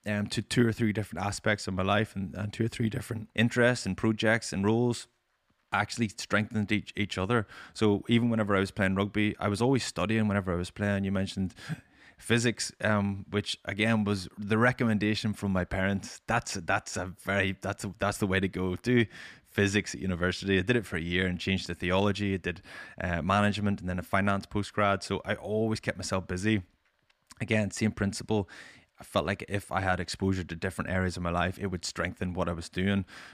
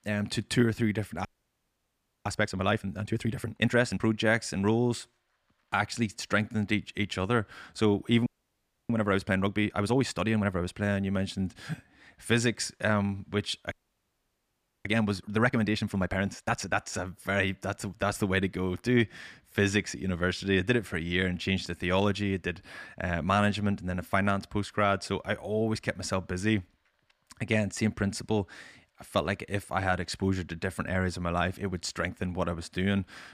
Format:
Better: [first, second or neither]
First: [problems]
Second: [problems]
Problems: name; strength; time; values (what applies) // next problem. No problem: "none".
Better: first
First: none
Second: audio freezing; at 1.5 s for 1 s, at 8.5 s for 0.5 s and at 14 s for 1 s